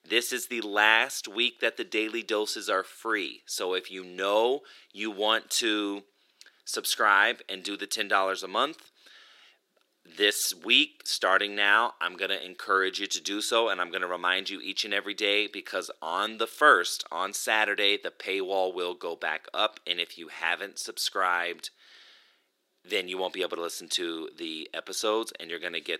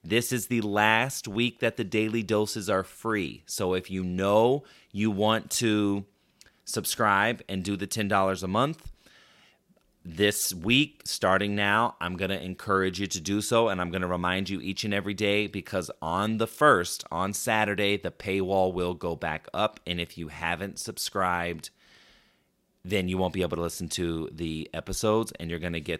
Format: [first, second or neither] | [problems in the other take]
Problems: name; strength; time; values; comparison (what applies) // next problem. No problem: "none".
second | thin; somewhat; fading below 350 Hz